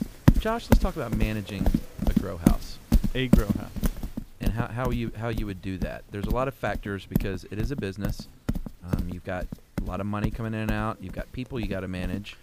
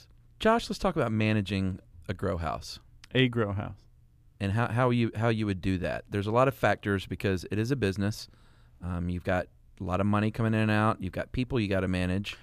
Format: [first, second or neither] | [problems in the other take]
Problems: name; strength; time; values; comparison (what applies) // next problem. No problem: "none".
second | animal sounds; very loud; throughout; 3 dB above the speech